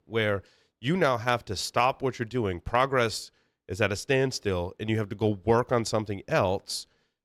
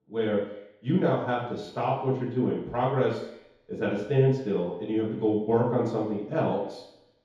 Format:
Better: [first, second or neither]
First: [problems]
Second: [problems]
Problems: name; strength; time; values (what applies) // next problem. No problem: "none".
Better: first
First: none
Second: room echo; noticeable; dies away in 2 s // off-mic speech; far